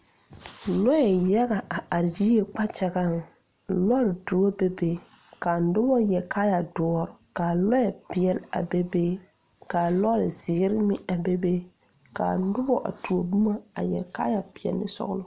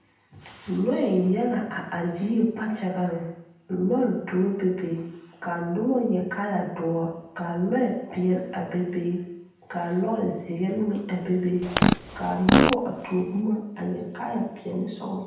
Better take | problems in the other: first | background sound (Fart); 2 dB above the speech // room echo; dies away in 0.9 s

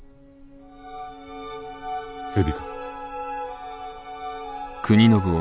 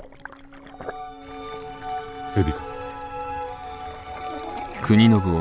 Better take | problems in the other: first | background sound (Sink (filling or washing)); 17 dB below the speech

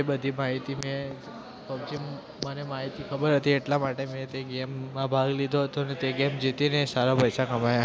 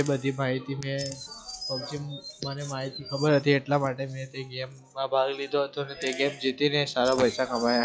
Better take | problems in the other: first | noise reduction (classical method log-MMSE)

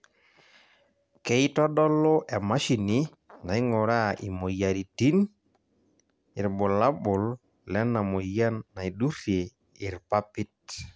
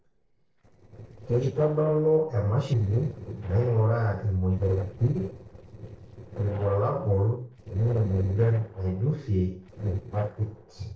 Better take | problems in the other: first | noise reduction (neural separator model SepFormer DNS4)

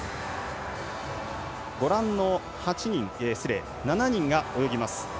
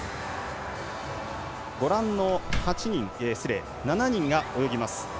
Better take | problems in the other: first | background sound (Slam); 10 dB below the speech

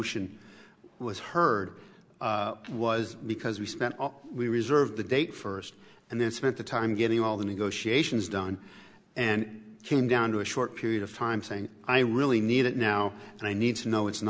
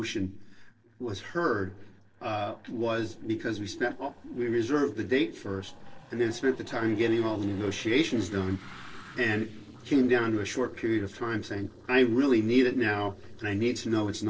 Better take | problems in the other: first | noise reduction (neural separator model SepFormer DNS4)

